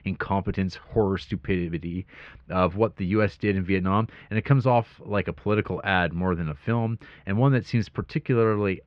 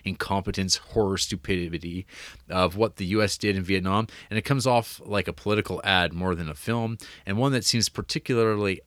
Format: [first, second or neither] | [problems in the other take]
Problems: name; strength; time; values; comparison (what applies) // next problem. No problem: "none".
second | muffled; very; fading above 2.5 kHz